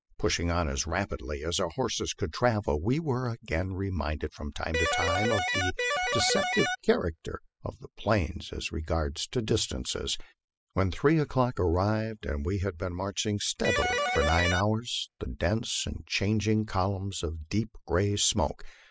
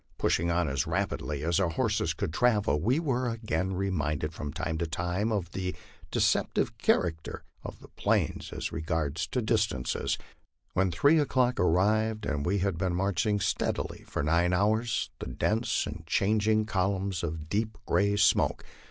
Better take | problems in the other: second | noise reduction (classical method spectral subtraction)

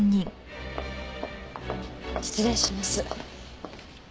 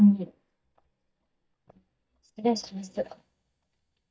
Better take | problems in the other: first | noise reduction (neural mask model DeepFilterNet 3)

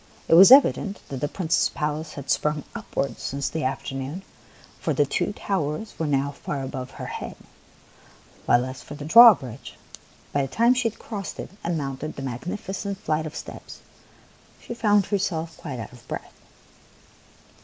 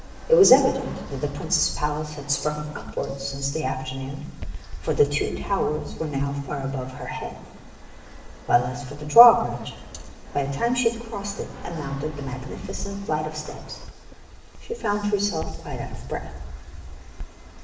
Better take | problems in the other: first | background sound (Fixed-wing aircraft, airplane); 11 dB below the speech // room echo; dies away in 0.8 s

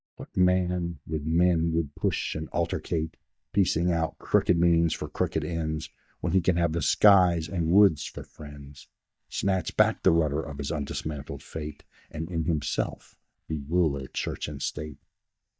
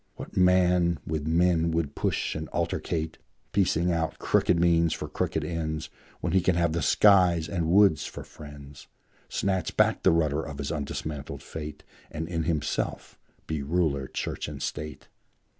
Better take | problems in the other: second | noise reduction (neural mask model DeepFilterNet 3)

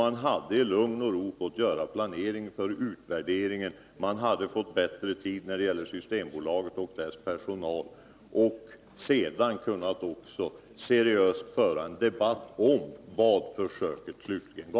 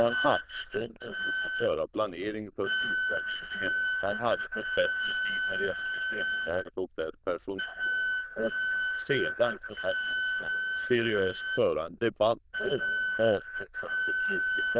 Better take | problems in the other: first | noise reduction (neural diffusion model UNIVERSE++)

